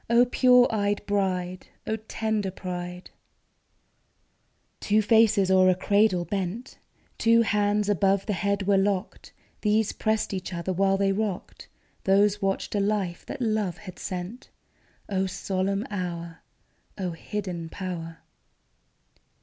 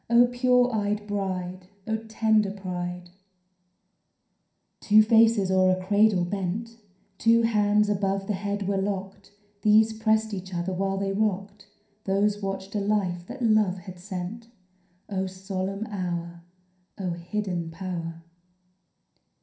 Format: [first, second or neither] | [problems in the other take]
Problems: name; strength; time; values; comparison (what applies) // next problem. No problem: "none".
first | room echo; dies away in 0.5 s